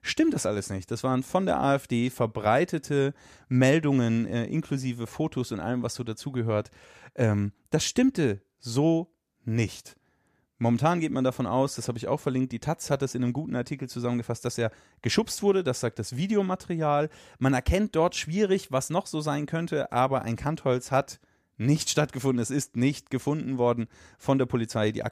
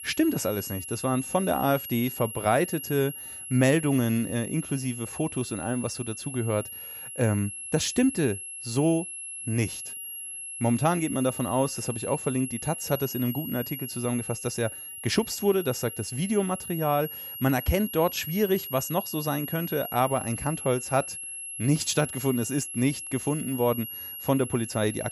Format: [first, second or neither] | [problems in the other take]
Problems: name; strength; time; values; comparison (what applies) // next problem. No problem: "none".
first | high-pitched whine; loud; throughout; 11.5 kHz, 8 dB below the speech